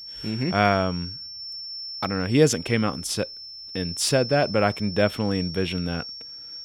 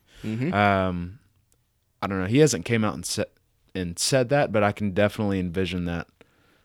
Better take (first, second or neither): second